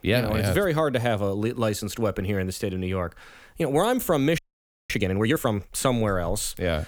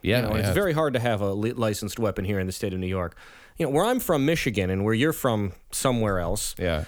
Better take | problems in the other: second | audio freezing; at 4.5 s for 0.5 s

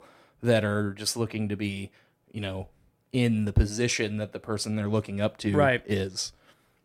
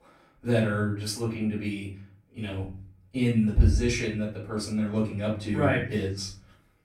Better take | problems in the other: first | off-mic speech; far // room echo; slight; dies away in 0.5 s

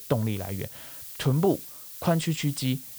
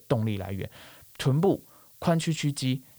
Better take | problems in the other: second | hiss; loud; throughout; 10 dB below the speech; faint in the second

